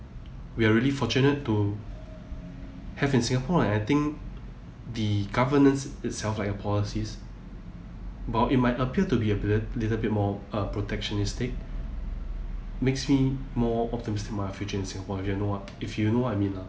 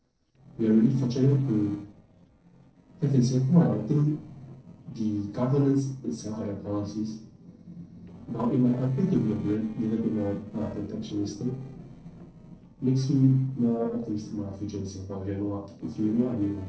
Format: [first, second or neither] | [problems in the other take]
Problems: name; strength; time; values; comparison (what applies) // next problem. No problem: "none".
first | noise reduction (neural separator model SepFormer DNS4)